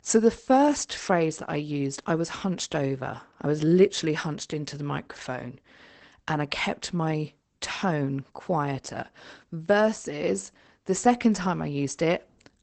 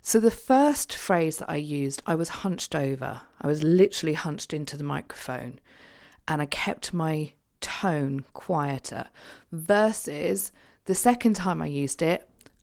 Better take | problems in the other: second | garbled, watery; badly; nothing above 8 kHz; slightly in the second

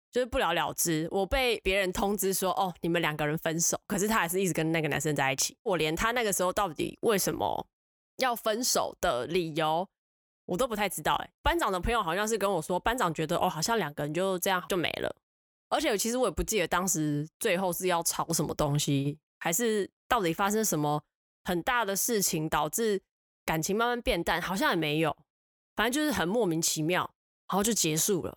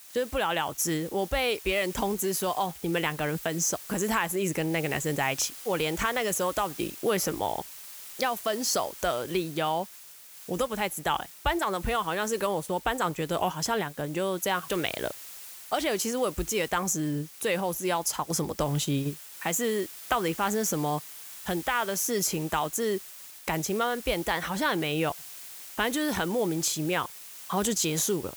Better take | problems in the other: first | hiss; noticeable; throughout; 15 dB below the speech

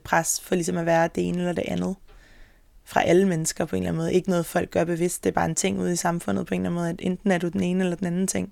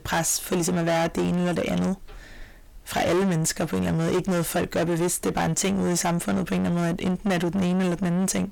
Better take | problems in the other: first | distortion; heavy; 6 dB below the speech

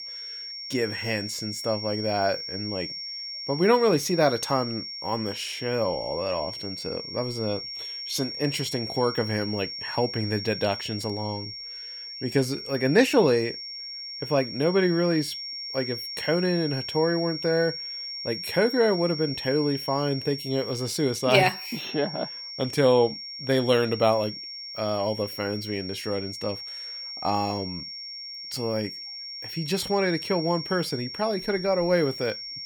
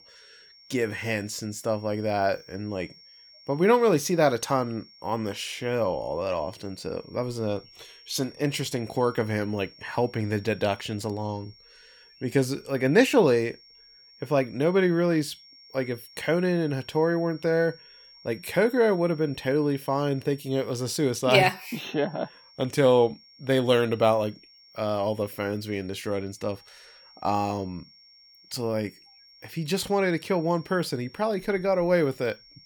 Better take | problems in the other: second | high-pitched whine; loud; throughout; 5.5 kHz, 7 dB below the speech; faint in the second

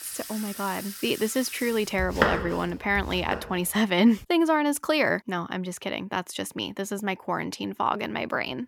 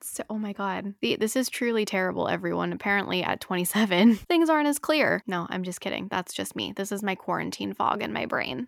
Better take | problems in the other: second | household noises; loud; until 3.5 s; 6 dB below the speech

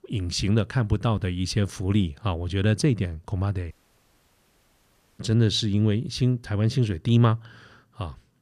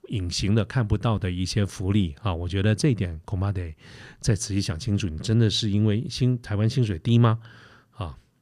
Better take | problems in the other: second | audio cutting out; at 3.5 s for 1.5 s

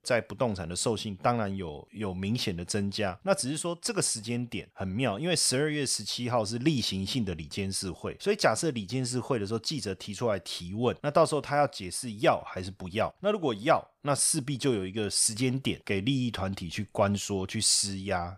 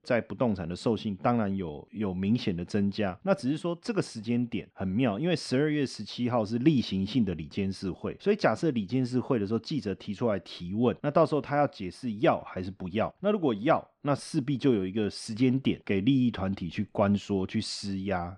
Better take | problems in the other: first | muffled; slightly; fading above 3.5 kHz

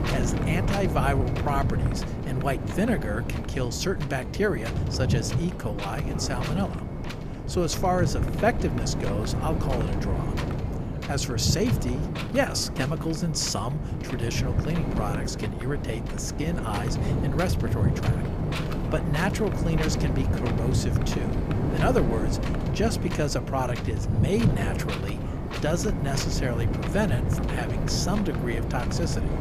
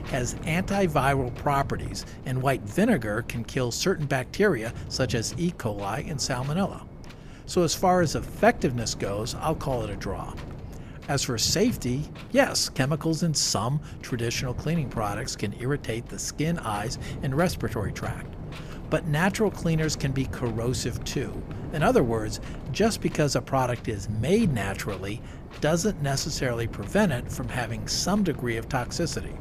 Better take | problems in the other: second | wind noise on the microphone; heavy; 4 dB below the speech; occasional gusts in the second

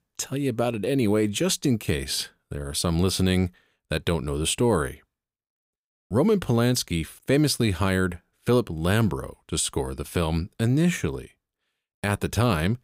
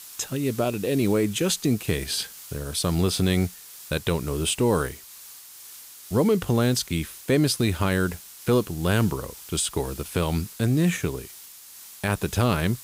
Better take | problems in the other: first | hiss; noticeable; throughout; 15 dB below the speech

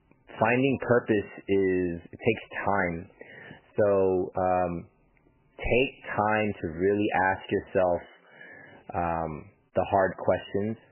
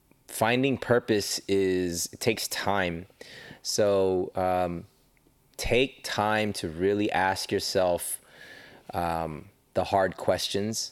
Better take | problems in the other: second | garbled, watery; badly; nothing above 3 kHz

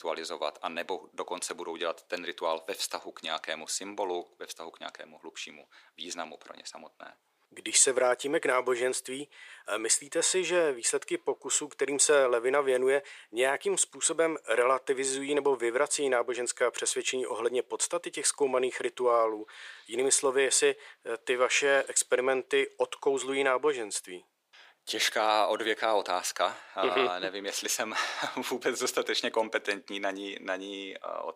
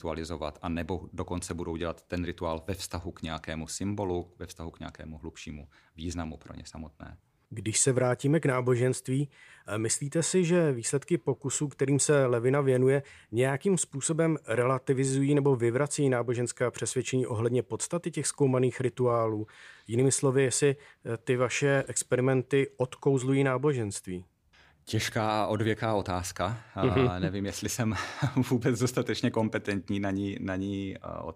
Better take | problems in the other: second | thin; very; fading below 450 Hz

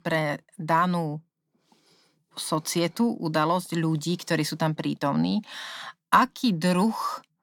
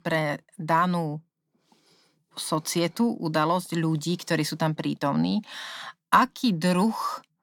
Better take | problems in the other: neither | none

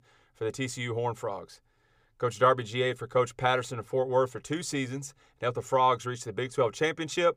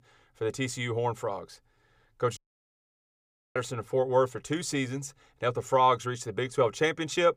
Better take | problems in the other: first | audio cutting out; at 2.5 s for 1 s

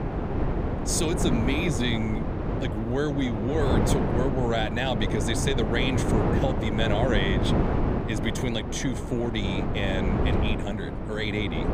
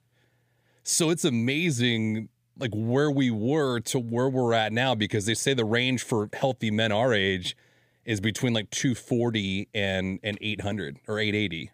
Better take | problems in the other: second | wind noise on the microphone; heavy; 2 dB below the speech

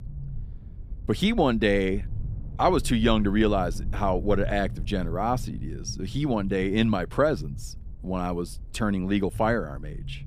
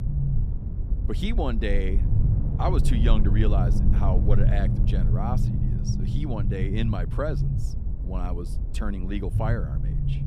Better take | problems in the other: first | low rumble; loud; throughout; 6 dB below the speech; faint in the first

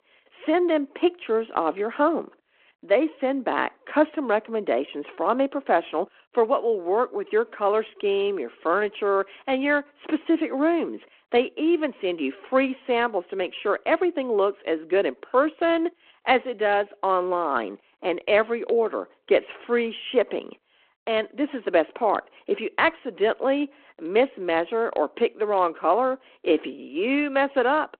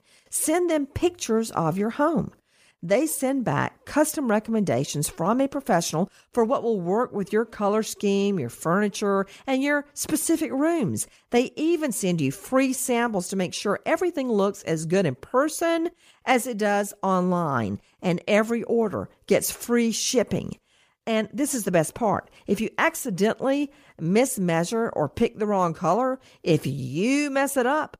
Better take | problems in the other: second | phone-call audio

